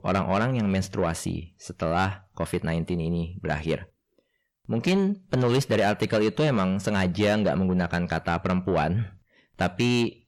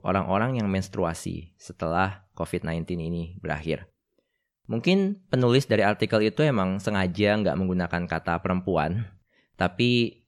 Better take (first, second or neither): second